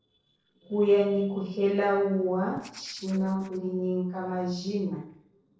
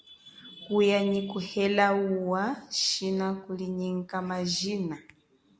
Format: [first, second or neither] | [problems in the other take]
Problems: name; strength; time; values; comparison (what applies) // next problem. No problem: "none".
second | noise reduction (neural separator model SepFormer DNS4)